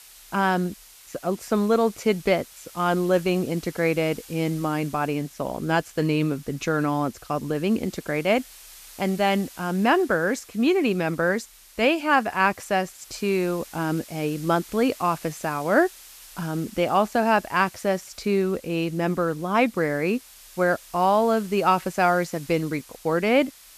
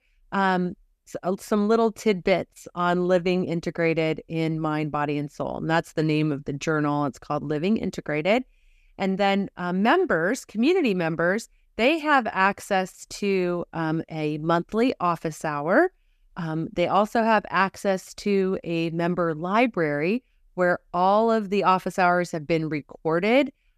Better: second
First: hiss; faint; throughout; 20 dB below the speech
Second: none

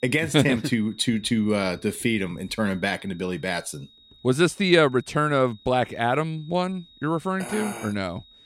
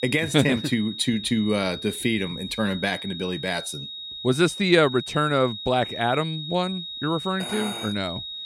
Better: first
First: high-pitched whine; faint; throughout; 4 kHz, 25 dB below the speech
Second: high-pitched whine; loud; throughout; 4 kHz, 9 dB below the speech

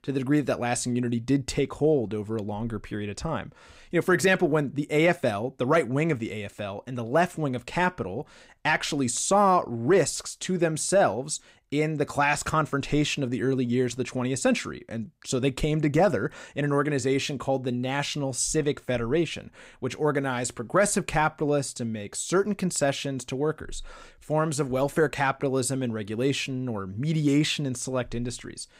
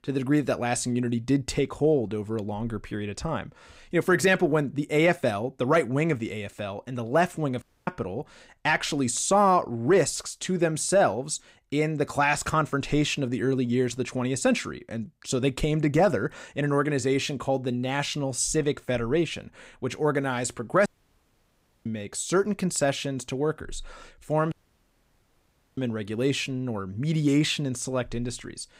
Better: first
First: none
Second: audio cutting out; at 7.5 s, at 21 s for 1 s and at 25 s for 1.5 s

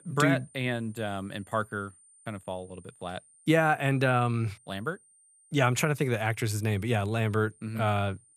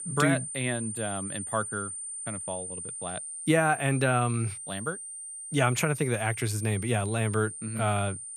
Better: first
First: high-pitched whine; faint; throughout; 9 kHz, 30 dB below the speech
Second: high-pitched whine; loud; throughout; 9 kHz, 7 dB below the speech

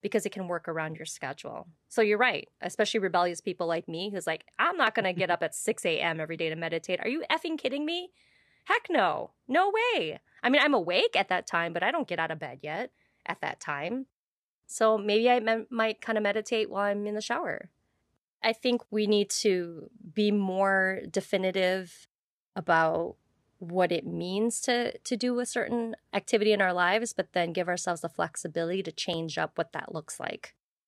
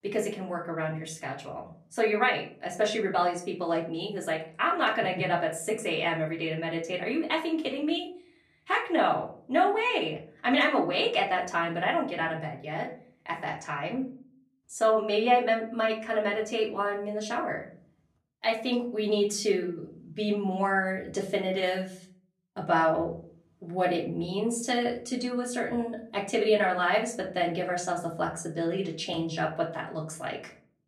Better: first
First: none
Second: off-mic speech; far // room echo; very slight; dies away in 0.4 s

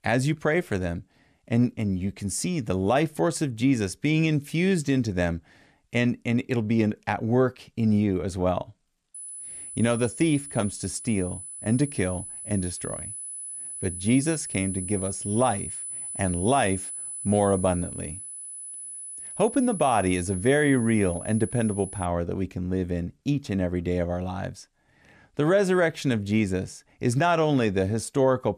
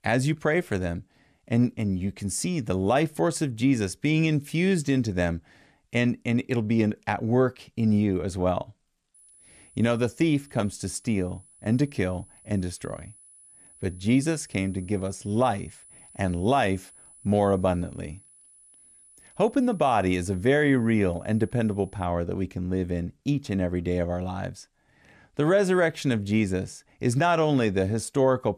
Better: second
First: high-pitched whine; loud; from 9 to 22 s; 10 kHz, 9 dB below the speech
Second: high-pitched whine; faint; from 9 to 22 s; 10 kHz, 25 dB below the speech

